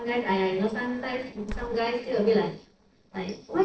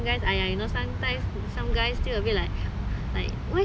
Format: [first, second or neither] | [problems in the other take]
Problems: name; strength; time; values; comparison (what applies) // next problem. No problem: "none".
second | noise reduction (neural separator model SepFormer DNS4)